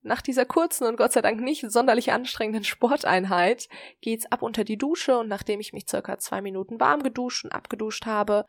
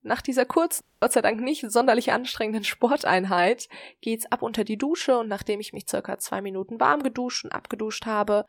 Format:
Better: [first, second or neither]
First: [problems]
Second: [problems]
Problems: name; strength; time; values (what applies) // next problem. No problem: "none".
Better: first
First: none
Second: audio cutting out; at 1 s